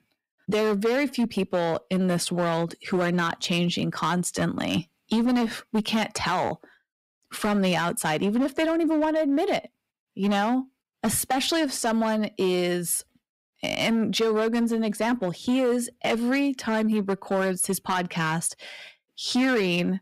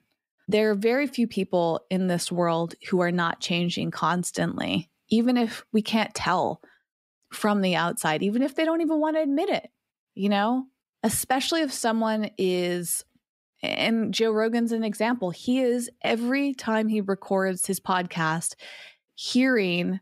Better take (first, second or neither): second